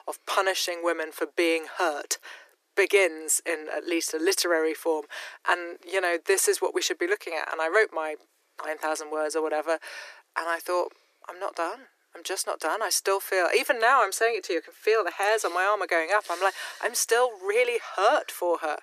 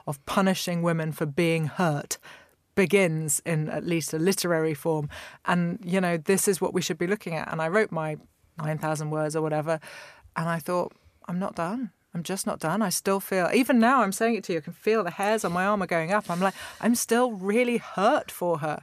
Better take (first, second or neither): second